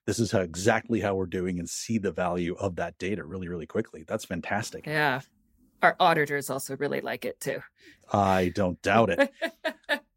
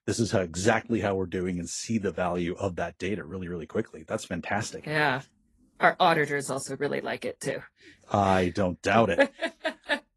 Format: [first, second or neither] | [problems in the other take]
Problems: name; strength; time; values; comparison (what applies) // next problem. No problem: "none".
first | garbled, watery; slightly; nothing above 11 kHz